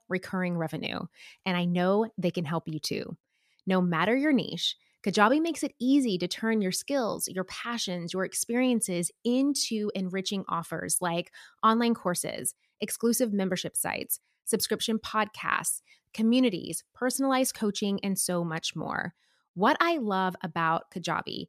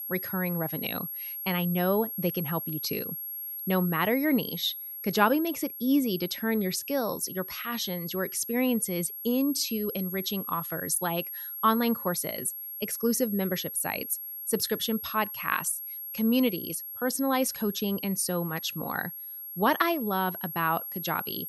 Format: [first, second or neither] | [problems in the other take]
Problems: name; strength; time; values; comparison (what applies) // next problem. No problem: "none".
first | high-pitched whine; loud; throughout; 11.5 kHz, 6 dB below the speech